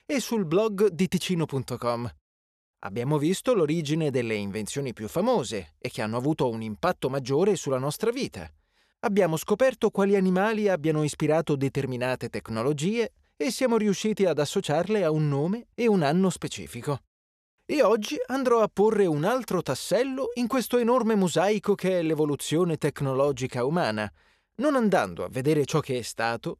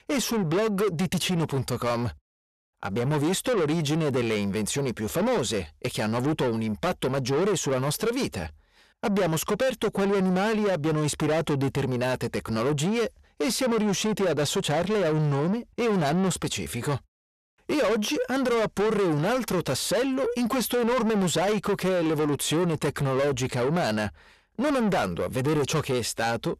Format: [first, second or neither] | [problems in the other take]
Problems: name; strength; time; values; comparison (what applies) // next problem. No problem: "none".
first | distortion; heavy; 7 dB below the speech